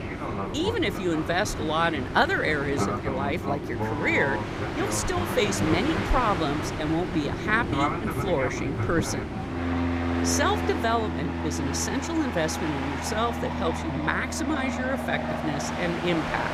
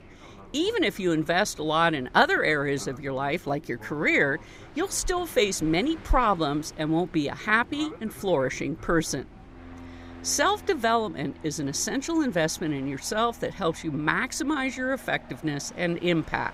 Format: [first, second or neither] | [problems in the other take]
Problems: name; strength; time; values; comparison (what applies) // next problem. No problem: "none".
second | train or aircraft noise; loud; throughout; 2 dB below the speech; faint in the second